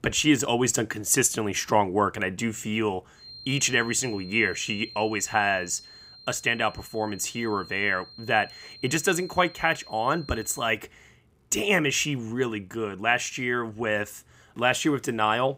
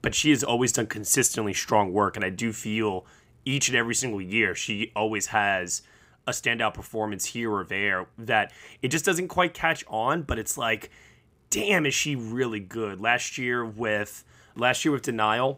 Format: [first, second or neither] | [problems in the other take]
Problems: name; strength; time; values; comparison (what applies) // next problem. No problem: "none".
second | high-pitched whine; noticeable; from 3 to 11 s; 4 kHz, 20 dB below the speech